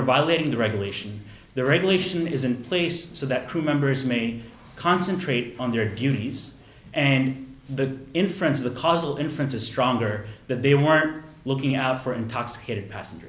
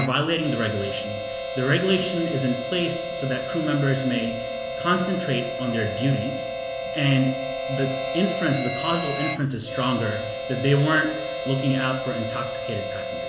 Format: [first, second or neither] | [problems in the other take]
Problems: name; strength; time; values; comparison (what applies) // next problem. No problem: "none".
first | background sound (Harmonica); 5 dB below the speech // room echo; dies away in 1.6 s